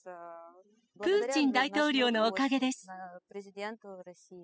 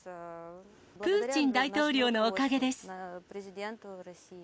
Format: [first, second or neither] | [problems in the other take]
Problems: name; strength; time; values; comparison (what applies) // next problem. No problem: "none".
second | noise reduction (classical method spectral subtraction)